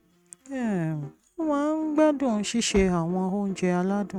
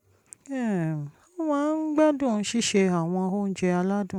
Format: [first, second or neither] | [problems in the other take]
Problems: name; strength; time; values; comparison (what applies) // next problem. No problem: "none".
second | noise reduction (neural mask model RNNoise)